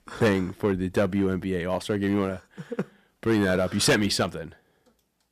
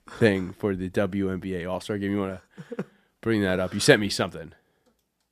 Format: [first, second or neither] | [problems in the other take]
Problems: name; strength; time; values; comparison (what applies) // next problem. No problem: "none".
second | distortion; heavy; 4% of the sound clipped